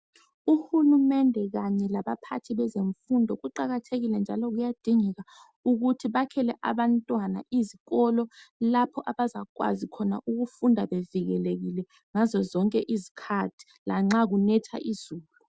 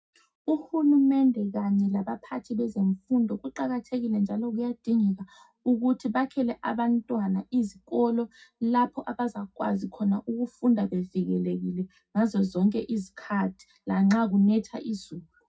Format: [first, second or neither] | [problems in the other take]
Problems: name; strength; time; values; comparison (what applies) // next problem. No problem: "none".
first | room echo; dies away in 0.4 s